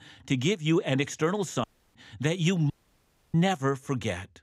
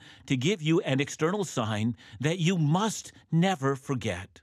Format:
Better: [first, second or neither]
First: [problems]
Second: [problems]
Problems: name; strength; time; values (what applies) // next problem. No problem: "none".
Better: second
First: audio cutting out; at 1.5 s and at 2.5 s for 0.5 s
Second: none